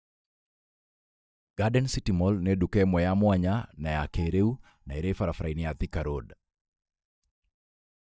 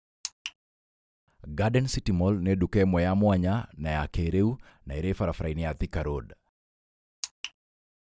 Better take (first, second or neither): second